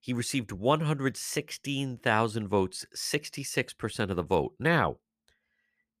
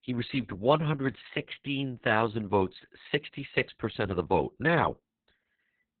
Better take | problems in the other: first | garbled, watery; badly; nothing above 4 kHz

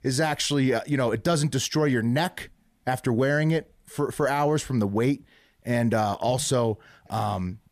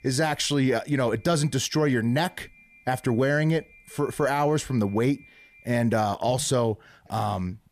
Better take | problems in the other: first | high-pitched whine; faint; until 6 s; 2.5 kHz, 25 dB below the speech

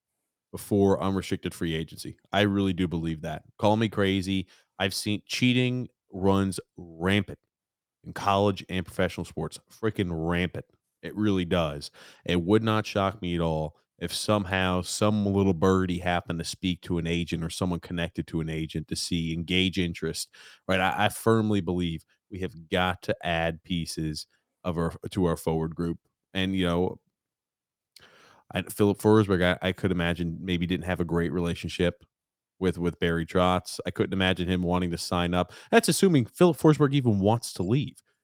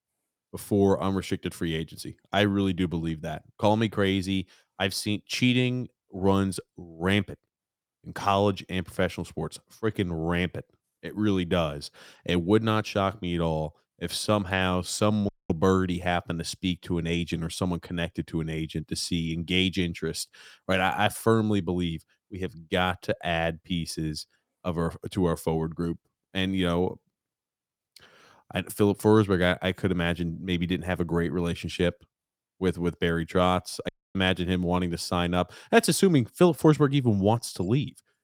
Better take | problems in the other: first | audio cutting out; at 15 s and at 34 s

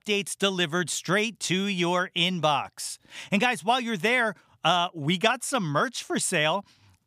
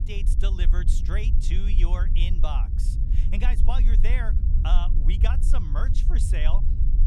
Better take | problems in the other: first | low rumble; loud; throughout; 7 dB below the speech

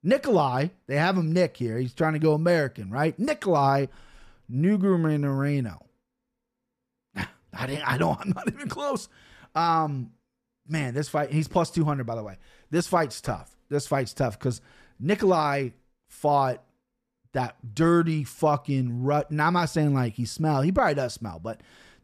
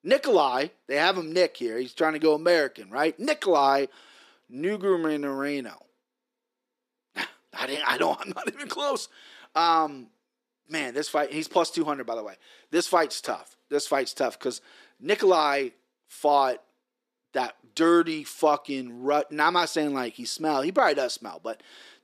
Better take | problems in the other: first | thin; somewhat; fading below 300 Hz

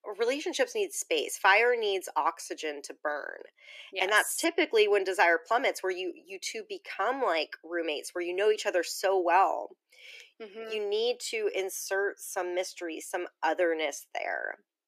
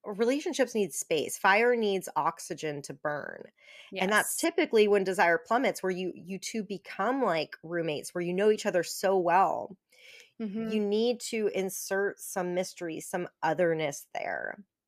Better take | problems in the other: second | thin; somewhat; fading below 300 Hz

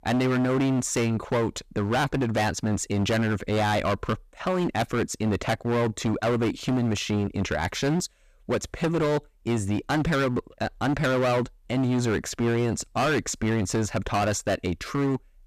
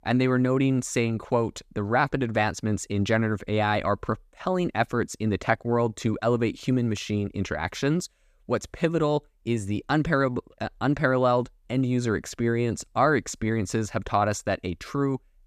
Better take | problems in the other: second | distortion; heavy; 20% of the sound clipped

